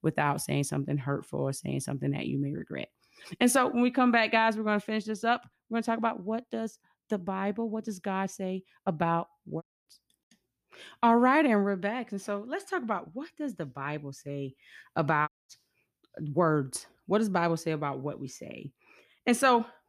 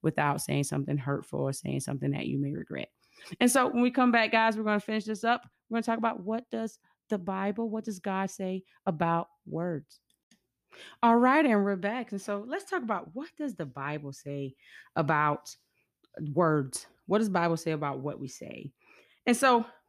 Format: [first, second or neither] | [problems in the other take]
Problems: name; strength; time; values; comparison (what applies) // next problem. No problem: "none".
second | audio cutting out; at 9.5 s and at 15 s